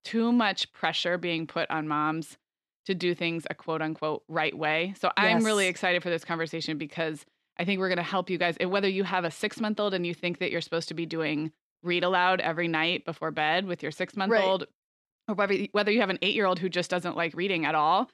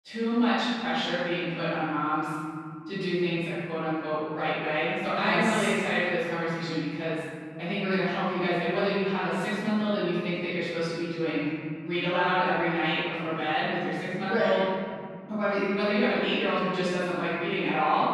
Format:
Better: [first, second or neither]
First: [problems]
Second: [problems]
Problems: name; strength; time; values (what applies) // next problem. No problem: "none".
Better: first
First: none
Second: off-mic speech; far // room echo; strong; dies away in 2.8 s